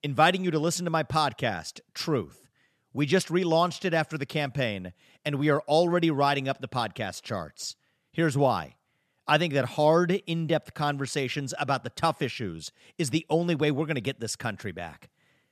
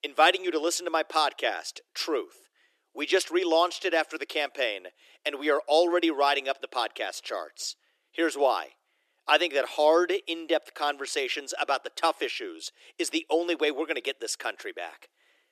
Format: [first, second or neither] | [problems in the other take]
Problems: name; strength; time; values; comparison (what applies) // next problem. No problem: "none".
first | thin; very; fading below 350 Hz